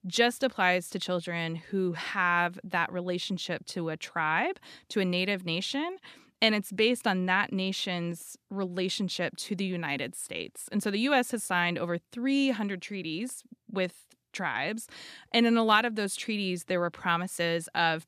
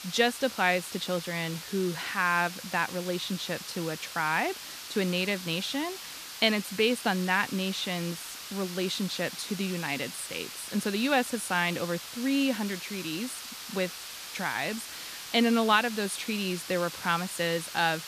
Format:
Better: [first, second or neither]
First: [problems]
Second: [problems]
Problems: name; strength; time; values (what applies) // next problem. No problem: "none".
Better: first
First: none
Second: hiss; loud; throughout; 9 dB below the speech